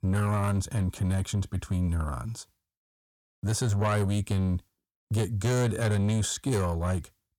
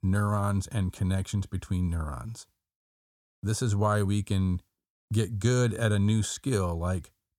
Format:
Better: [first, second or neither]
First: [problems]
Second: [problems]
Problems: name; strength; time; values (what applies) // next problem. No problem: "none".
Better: second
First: distortion; slight; 10 dB below the speech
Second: none